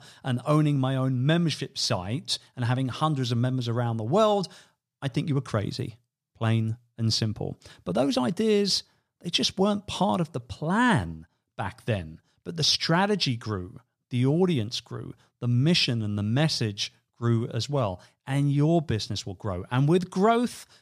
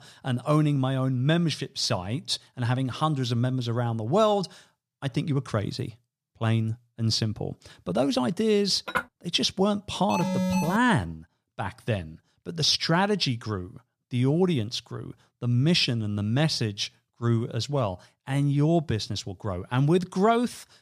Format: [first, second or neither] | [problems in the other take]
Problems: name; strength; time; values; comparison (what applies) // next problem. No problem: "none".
first | clattering dishes; noticeable; at 9 s; peak 5 dB below the speech // alarm; loud; at 10 s; peak level with the speech